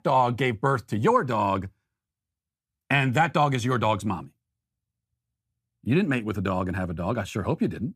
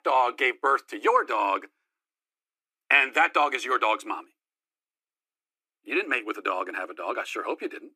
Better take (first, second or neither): first